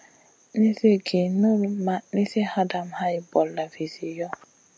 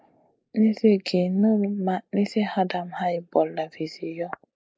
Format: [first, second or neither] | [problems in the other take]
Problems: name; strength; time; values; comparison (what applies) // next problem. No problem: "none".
first | noise reduction (neural mask model Resemble Enhance denoiser)